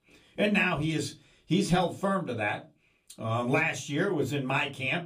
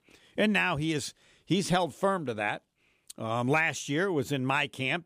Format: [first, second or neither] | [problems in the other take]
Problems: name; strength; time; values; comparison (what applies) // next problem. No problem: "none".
second | off-mic speech; somewhat distant // room echo; very slight; dies away in 0.2 s